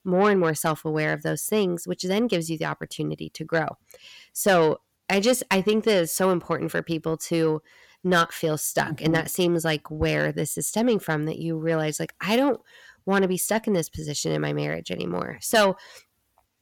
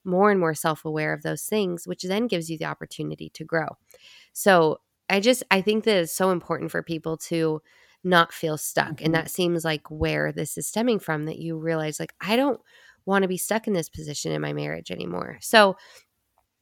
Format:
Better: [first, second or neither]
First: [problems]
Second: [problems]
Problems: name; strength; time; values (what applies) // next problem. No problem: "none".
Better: second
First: distortion; slight; 10 dB below the speech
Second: none